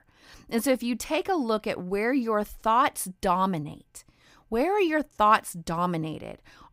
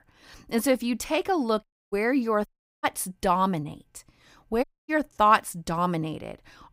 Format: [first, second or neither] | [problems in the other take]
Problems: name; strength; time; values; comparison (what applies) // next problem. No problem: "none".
first | audio cutting out; at 1.5 s, at 2.5 s and at 4.5 s